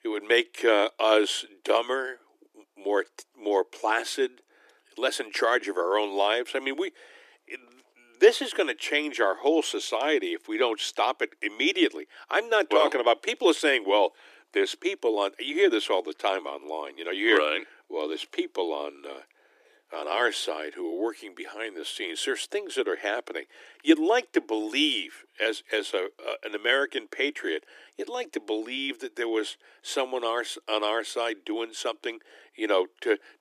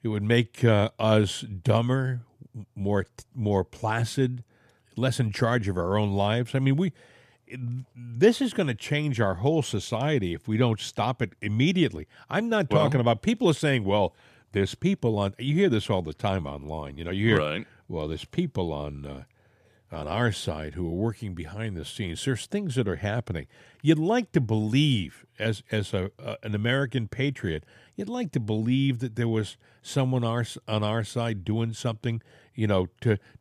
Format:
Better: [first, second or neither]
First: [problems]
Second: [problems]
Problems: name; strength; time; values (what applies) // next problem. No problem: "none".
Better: second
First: thin; very; fading below 300 Hz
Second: none